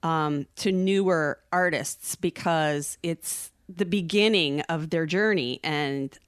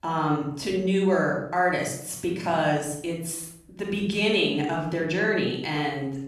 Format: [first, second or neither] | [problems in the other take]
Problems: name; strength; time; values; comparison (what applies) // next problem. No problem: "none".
first | off-mic speech; far // room echo; noticeable; dies away in 0.6 s